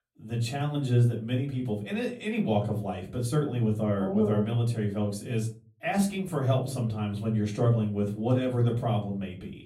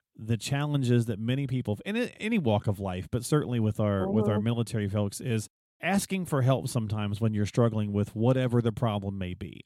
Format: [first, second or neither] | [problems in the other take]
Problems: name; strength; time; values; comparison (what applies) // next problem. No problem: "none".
second | off-mic speech; far // room echo; very slight; dies away in 0.3 s